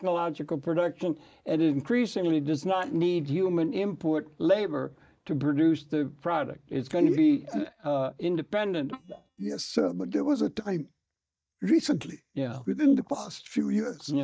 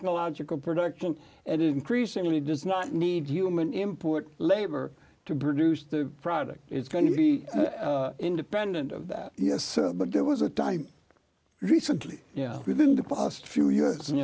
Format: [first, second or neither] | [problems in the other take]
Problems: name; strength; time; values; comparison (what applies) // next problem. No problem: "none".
second | noise reduction (neural mask model DeepFilterNet 3)